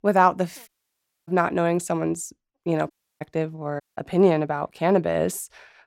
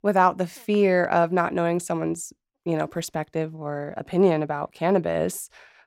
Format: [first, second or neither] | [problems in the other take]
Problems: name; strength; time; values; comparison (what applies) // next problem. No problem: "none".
second | audio cutting out; at 0.5 s for 0.5 s, at 3 s and at 4 s